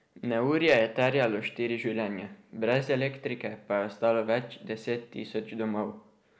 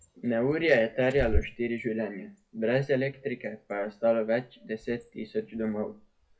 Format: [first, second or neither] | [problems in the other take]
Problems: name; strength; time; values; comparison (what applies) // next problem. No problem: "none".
first | noise reduction (classical method WPE with log-MMSE)